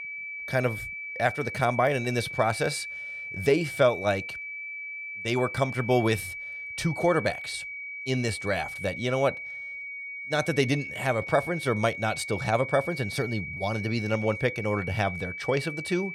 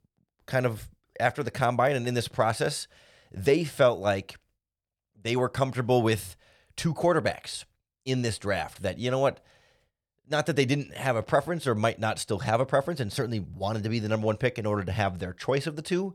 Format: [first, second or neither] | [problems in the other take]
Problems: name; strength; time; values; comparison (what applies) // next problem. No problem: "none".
second | high-pitched whine; loud; throughout; 2.5 kHz, 7 dB below the speech